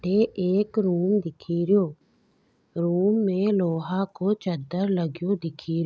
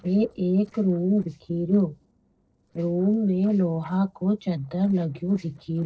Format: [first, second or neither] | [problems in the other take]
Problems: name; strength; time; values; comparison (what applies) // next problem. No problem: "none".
first | noise reduction (neural separator model SepFormer DNS4)